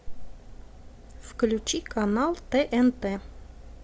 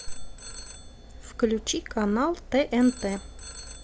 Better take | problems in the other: first | background sound (Telephone); 18 dB below the speech

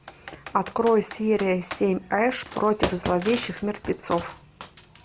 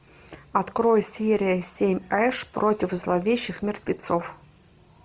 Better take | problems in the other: second | background sound (Computer keyboard); 12 dB below the speech

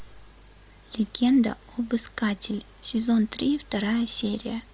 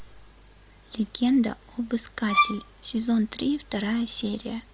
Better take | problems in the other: first | background sound (Bowed string instrument); 3 dB above the speech

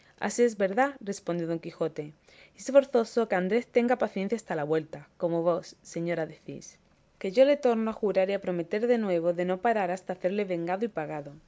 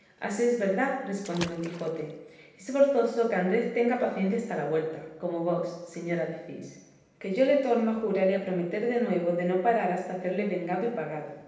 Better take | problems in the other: first | background sound (Water / Splash, splatter); 16 dB below the speech // room echo; dies away in 0.9 s

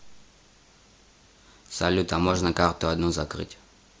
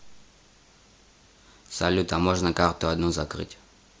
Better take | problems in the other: second | background sound (Slam); 17 dB below the speech

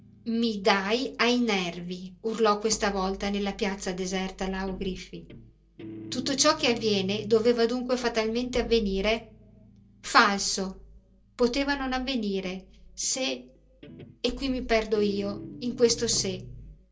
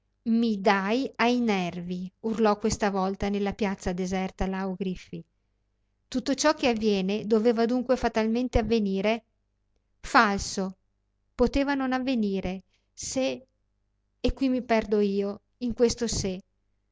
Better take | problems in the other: second | background sound (Guitar); 20 dB below the speech // room echo; dies away in 0.2 s

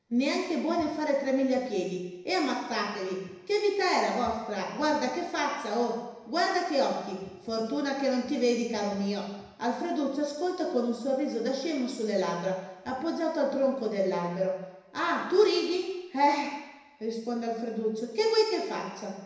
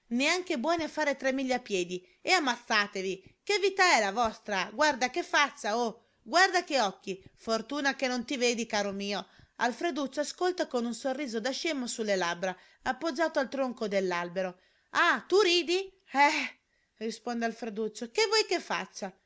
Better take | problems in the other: second | room echo; dies away in 1 s

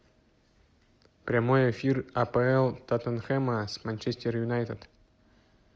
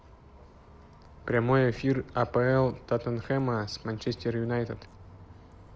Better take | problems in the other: first | background sound (Bus); 20 dB below the speech

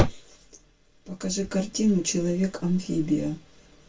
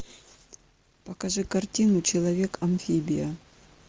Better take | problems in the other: second | room echo; dies away in 0.2 s

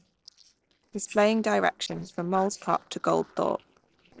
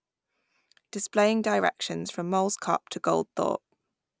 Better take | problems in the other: second | noise reduction (neural separator model SepFormer DNS4)

